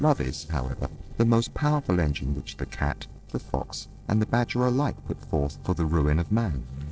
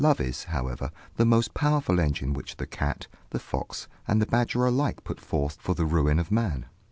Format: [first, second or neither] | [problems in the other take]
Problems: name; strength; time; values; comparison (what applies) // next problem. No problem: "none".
second | noise reduction (neural separator model SepFormer DNS4)